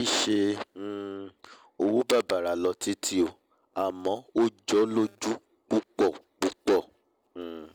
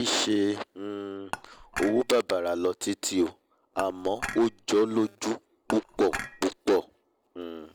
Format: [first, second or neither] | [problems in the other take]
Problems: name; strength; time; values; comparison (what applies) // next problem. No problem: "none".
first | background sound (Dishes, pots, and pans / Chink, clink); 10 dB below the speech